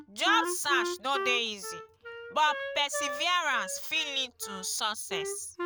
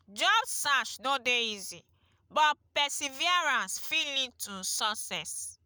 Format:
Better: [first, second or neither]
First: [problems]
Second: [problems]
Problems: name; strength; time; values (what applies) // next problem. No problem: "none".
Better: second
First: background sound (Wind instrument, woodwind instrument); 6 dB below the speech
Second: none